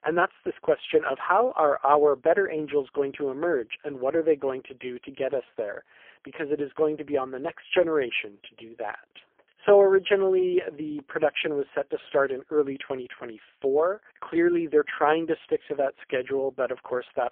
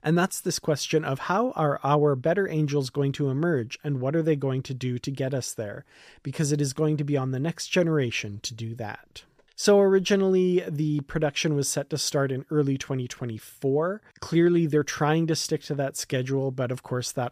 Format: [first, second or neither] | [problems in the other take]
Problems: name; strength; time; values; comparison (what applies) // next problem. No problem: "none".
second | phone-call audio; poor line; nothing above 3.5 kHz